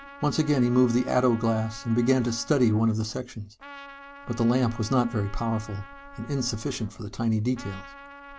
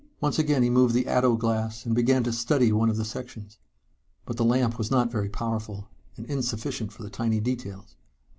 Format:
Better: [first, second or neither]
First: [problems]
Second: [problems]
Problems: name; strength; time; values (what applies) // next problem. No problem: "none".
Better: second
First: background sound (Trumpet); 19 dB below the speech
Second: none